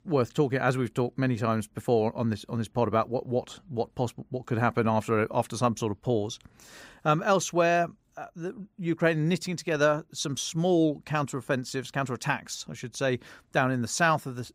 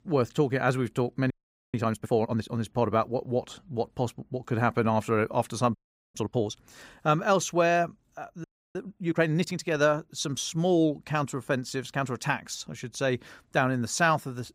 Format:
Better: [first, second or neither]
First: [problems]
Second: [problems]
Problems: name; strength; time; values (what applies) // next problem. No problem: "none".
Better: first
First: none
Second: audio freezing; at 1.5 s, at 6 s and at 8.5 s